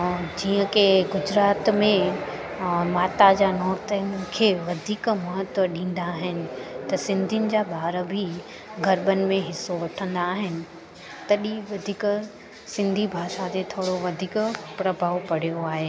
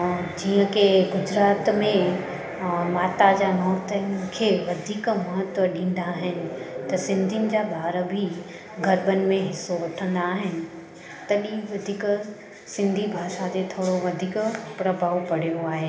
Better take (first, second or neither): first